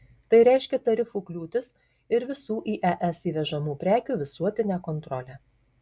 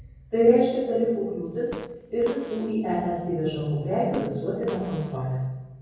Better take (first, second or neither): first